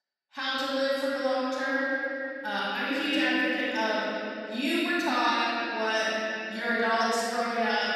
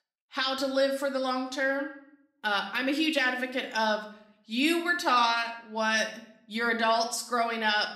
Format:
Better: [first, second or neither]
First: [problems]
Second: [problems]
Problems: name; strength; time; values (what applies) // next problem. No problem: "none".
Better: second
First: room echo; strong; dies away in 3 s // off-mic speech; far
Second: room echo; slight; dies away in 0.5 s